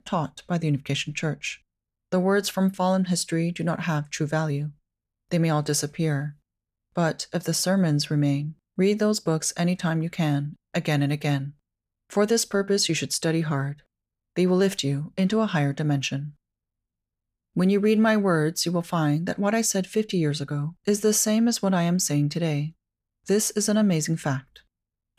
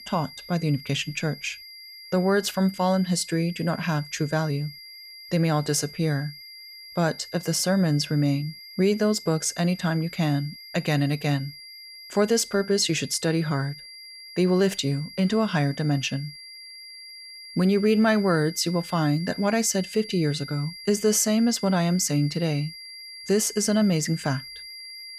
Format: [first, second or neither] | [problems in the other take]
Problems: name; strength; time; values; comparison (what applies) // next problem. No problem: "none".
first | high-pitched whine; noticeable; throughout; 5 kHz, 15 dB below the speech